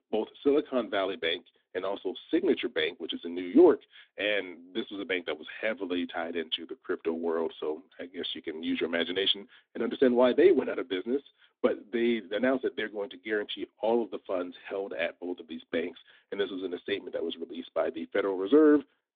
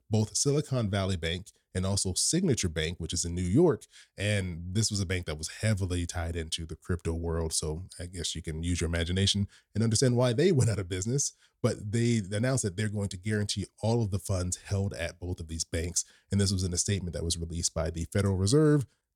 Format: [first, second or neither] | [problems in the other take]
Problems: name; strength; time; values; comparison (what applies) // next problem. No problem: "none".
second | phone-call audio; nothing above 3.5 kHz